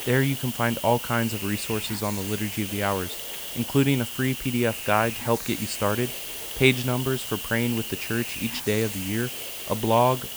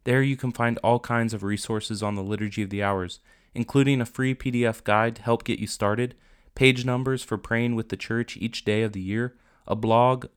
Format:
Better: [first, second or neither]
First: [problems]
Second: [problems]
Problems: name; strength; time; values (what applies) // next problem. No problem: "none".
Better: second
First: hiss; loud; throughout; 6 dB below the speech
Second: none